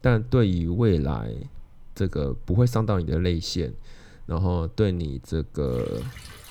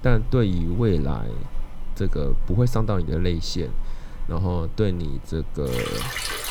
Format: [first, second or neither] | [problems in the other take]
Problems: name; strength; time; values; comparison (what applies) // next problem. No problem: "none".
first | rain or running water; loud; throughout; 10 dB below the speech; faint in the first